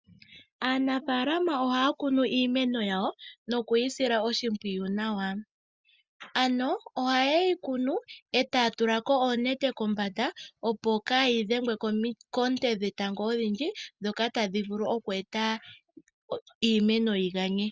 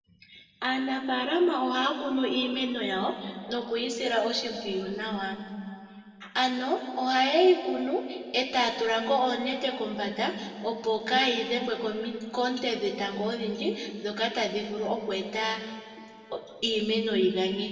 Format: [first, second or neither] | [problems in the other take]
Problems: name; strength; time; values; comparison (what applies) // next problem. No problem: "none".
first | room echo; dies away in 2.1 s